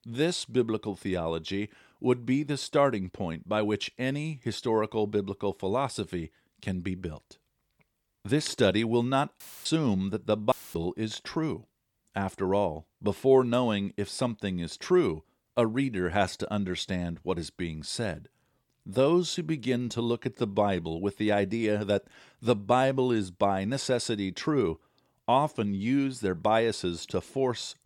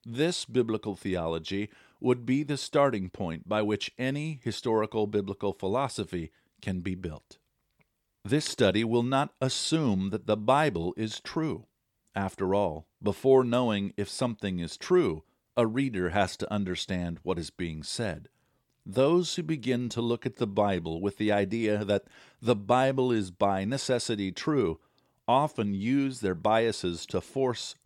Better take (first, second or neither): second